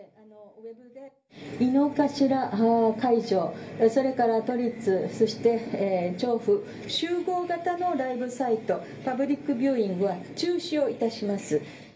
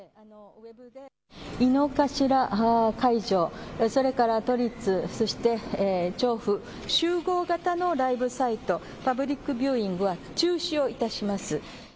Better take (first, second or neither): second